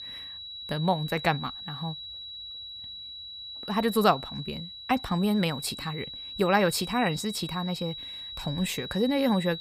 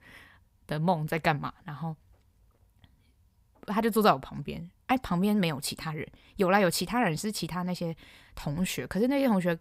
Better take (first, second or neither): second